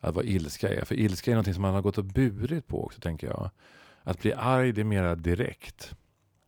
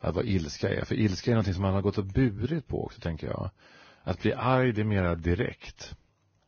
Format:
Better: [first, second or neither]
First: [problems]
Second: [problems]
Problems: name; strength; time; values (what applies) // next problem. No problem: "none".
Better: first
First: none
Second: garbled, watery; badly; nothing above 6.5 kHz